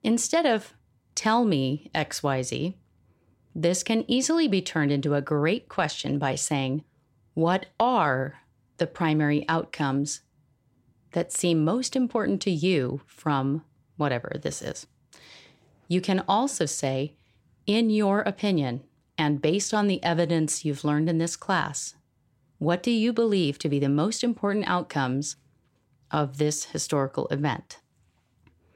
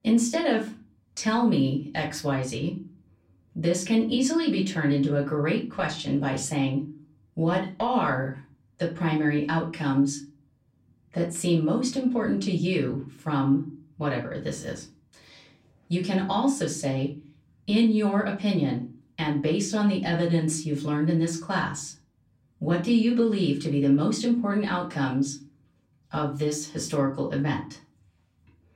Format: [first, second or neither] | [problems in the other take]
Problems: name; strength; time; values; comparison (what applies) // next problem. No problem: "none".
first | off-mic speech; far // room echo; very slight; dies away in 0.3 s